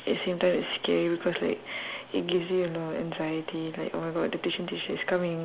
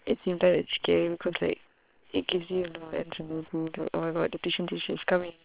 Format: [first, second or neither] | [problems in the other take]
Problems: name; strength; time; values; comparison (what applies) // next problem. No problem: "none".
first | noise reduction (neural separator model SepFormer WHAM!)